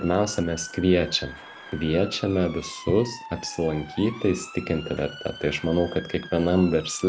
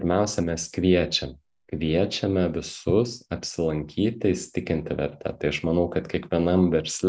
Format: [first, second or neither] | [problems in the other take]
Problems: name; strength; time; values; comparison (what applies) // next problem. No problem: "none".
second | background sound (Motor vehicle (road) / Siren); 17 dB below the speech